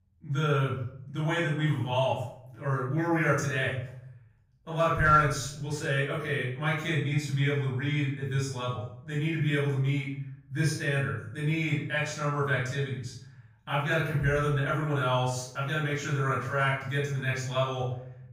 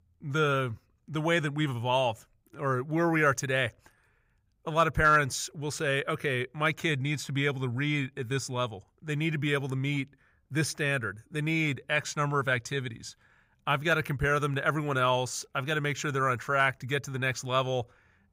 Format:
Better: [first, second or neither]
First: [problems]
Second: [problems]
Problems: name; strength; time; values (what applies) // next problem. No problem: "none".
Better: second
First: off-mic speech; far // room echo; noticeable; dies away in 0.6 s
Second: none